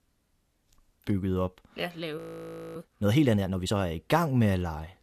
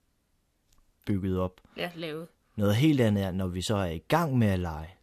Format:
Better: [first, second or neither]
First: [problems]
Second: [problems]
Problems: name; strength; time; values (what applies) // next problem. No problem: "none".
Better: second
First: audio freezing; at 2 s for 0.5 s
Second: none